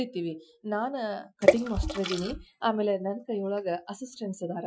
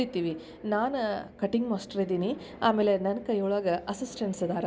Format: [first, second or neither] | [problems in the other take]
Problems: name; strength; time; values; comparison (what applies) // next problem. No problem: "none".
second | noise reduction (classical method Wiener filter)